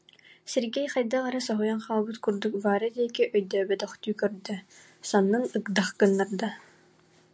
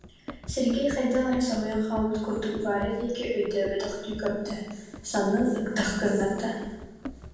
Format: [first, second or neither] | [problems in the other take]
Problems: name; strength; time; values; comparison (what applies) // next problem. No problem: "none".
first | background sound (Run); 14 dB below the speech // room echo; dies away in 1.2 s